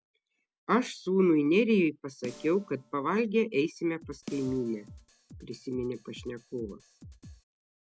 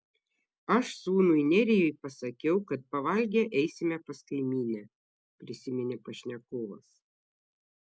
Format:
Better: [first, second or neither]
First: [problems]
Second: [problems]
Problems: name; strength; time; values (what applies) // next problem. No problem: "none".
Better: second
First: background sound (Snare drum + Drum kit); 19 dB below the speech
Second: none